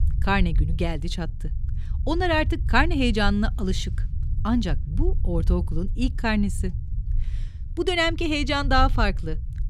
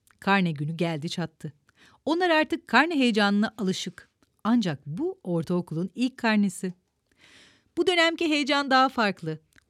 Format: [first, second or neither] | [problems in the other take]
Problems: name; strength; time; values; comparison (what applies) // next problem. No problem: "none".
second | low rumble; faint; throughout; 20 dB below the speech